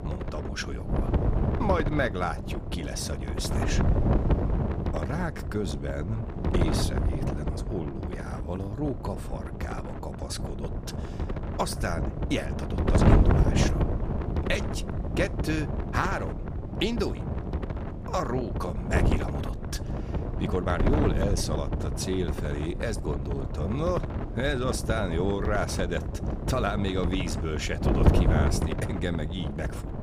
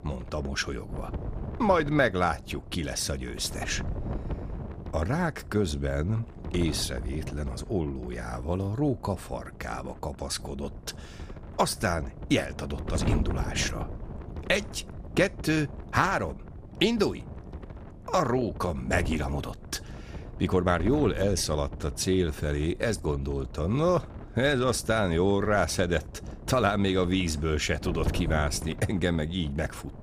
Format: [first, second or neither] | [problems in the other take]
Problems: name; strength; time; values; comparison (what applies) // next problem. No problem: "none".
second | wind noise on the microphone; heavy; 3 dB below the speech; occasional gusts in the second